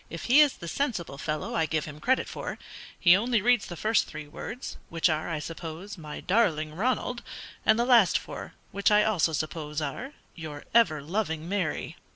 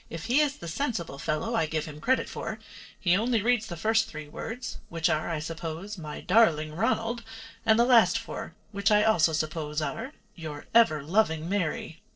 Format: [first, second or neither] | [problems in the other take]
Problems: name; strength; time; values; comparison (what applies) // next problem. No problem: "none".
first | noise reduction (neural separator model SepFormer DNS4)